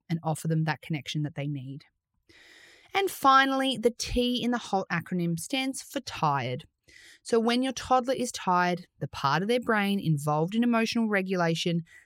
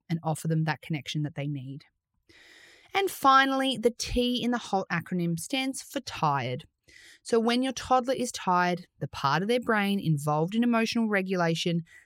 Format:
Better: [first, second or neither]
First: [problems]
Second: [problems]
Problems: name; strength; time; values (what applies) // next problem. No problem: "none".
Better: neither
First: none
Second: none